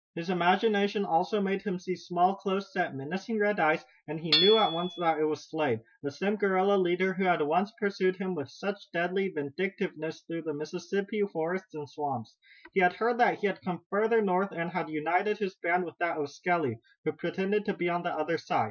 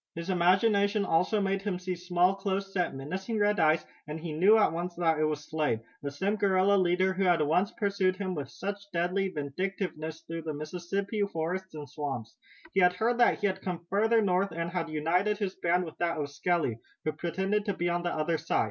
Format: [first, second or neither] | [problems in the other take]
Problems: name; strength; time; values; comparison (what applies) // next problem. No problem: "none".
second | noise reduction (classical method Wiener filter)